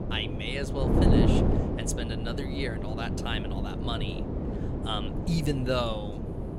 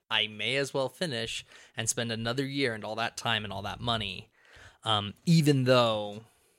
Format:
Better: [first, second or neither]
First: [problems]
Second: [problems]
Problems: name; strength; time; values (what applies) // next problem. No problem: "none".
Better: second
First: wind noise on the microphone; heavy; 1 dB below the speech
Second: none